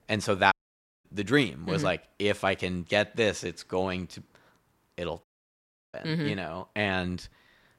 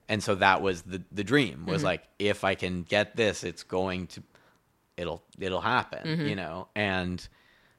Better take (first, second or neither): second